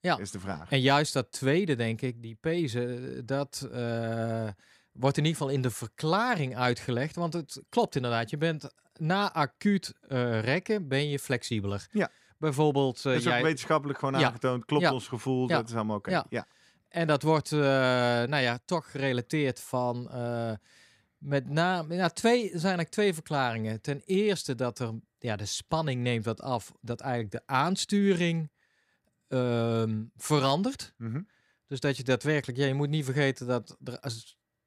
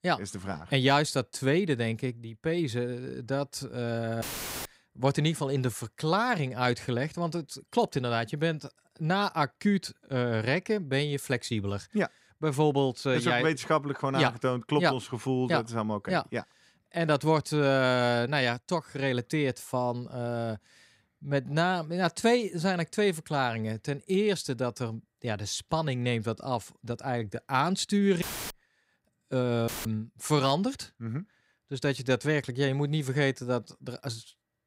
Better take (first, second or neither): first